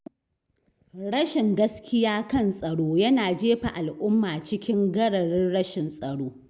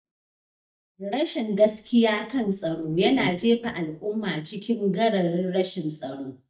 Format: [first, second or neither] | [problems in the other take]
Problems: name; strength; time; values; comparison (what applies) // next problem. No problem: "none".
first | noise reduction (neural mask model DeepFilterNet 3)